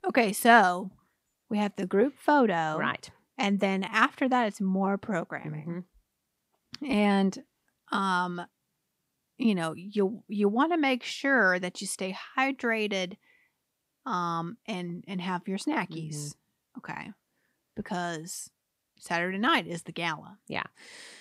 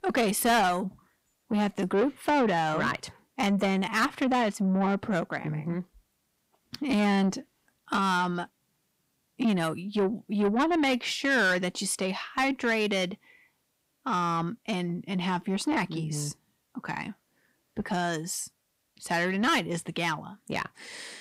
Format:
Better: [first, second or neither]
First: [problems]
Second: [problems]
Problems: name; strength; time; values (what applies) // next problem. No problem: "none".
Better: first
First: none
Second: distortion; heavy; 8 dB below the speech